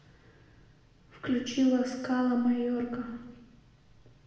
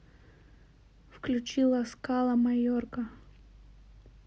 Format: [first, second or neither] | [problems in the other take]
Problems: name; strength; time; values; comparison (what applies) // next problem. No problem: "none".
second | room echo; dies away in 0.9 s